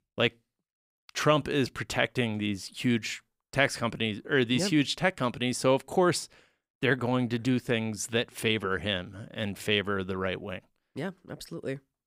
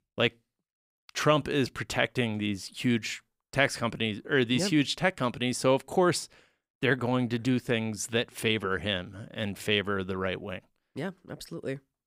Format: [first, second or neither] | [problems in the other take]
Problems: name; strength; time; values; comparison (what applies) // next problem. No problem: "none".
neither | none